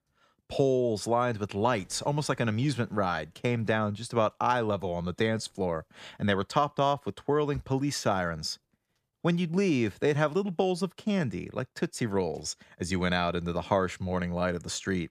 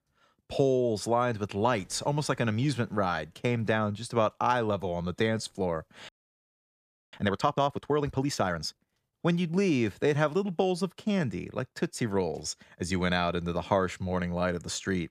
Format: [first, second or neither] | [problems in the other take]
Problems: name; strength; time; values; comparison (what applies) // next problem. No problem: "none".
first | audio freezing; at 6 s for 1 s